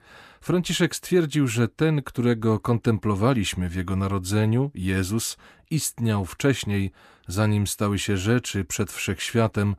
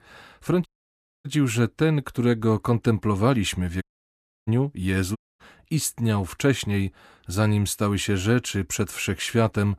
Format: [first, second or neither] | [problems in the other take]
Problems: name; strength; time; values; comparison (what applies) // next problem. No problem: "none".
first | audio cutting out; at 0.5 s for 0.5 s, at 4 s for 0.5 s and at 5 s